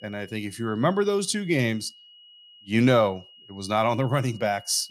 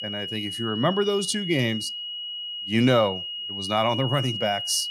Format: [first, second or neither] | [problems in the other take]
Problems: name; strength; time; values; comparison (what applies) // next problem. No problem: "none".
first | high-pitched whine; loud; throughout; 3 kHz, 5 dB below the speech; faint in the first